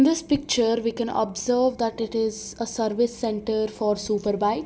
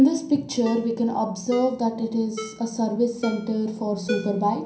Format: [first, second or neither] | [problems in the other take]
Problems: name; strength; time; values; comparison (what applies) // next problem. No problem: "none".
first | background sound (Ringtone); 14 dB below the speech // room echo; dies away in 0.6 s